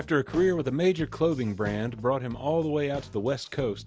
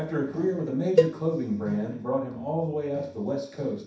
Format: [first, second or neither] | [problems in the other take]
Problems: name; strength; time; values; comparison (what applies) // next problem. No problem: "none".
first | background sound (Cowbell); 1 dB above the speech // room echo; dies away in 0.7 s